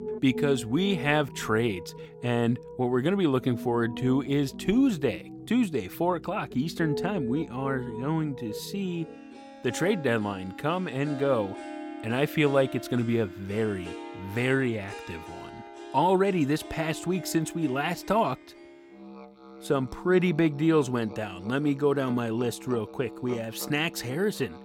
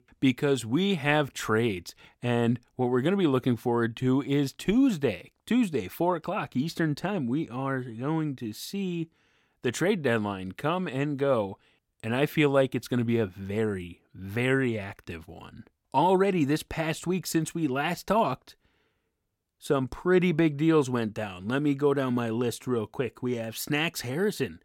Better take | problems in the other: second | background music; noticeable; throughout; 15 dB below the speech

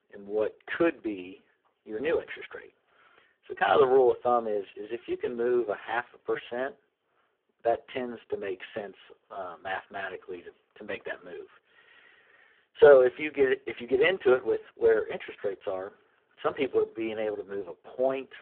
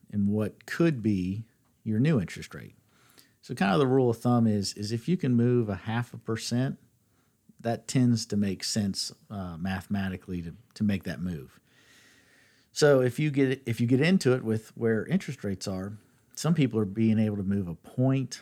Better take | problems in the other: second | phone-call audio; poor line

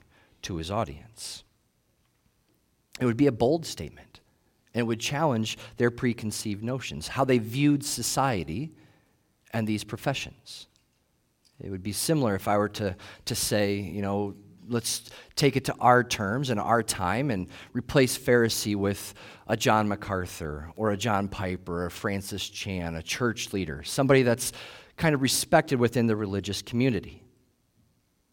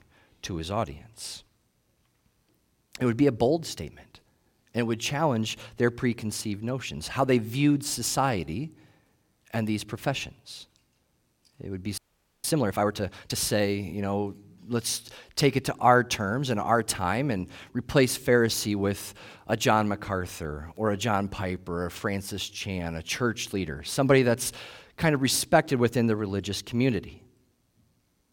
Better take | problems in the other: first | audio freezing; at 12 s

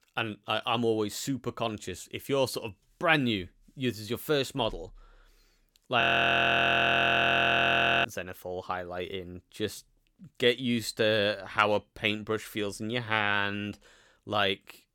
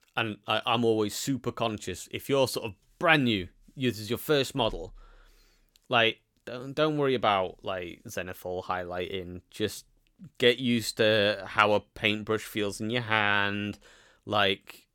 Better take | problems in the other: second | audio freezing; at 6 s for 2 s

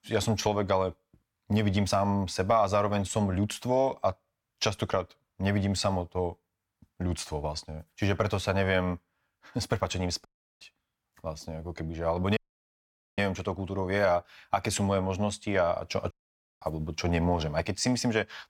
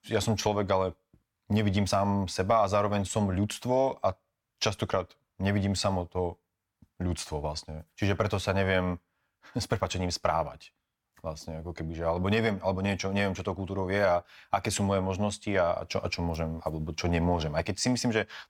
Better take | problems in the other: second | audio cutting out; at 10 s, at 12 s for 1 s and at 16 s for 0.5 s

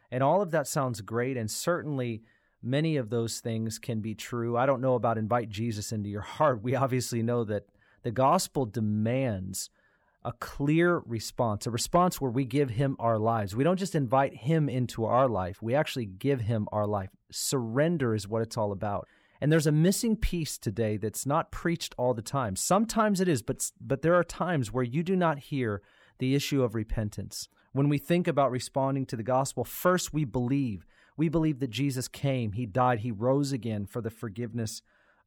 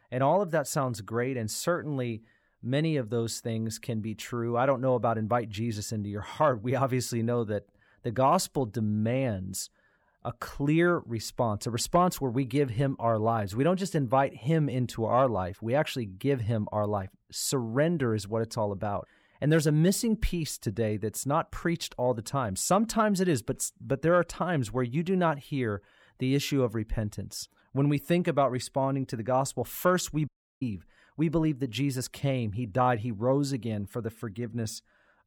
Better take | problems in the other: first | audio cutting out; at 30 s

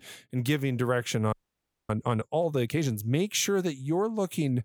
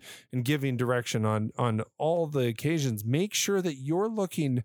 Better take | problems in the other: second | audio freezing; at 1.5 s for 0.5 s

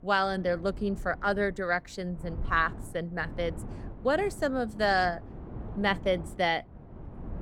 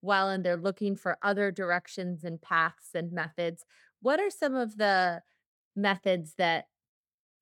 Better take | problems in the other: second | wind noise on the microphone; occasional gusts; 20 dB below the speech

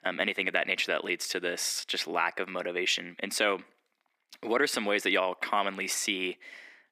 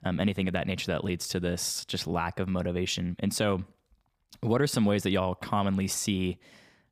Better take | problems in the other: second | thin; somewhat; fading below 300 Hz

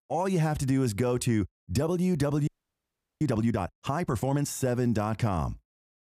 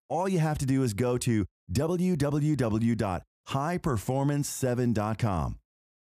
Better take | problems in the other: second | audio freezing; at 2.5 s for 0.5 s

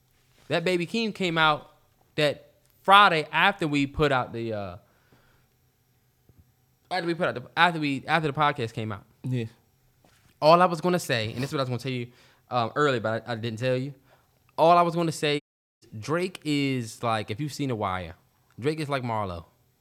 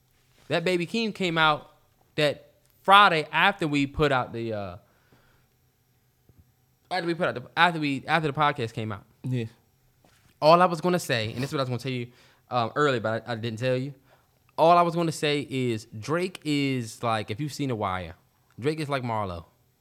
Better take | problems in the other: second | audio cutting out; at 15 s

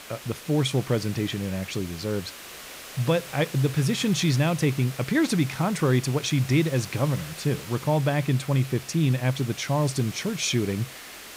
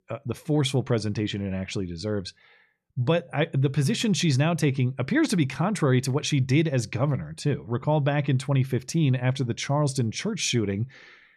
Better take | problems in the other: second | hiss; noticeable; throughout; 15 dB below the speech

